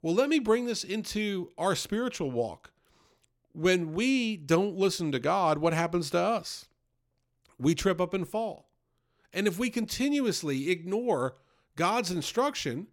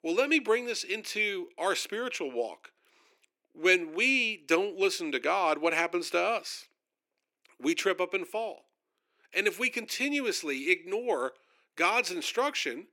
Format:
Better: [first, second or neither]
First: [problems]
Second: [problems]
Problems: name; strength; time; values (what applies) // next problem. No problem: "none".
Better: first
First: none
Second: thin; somewhat; fading below 300 Hz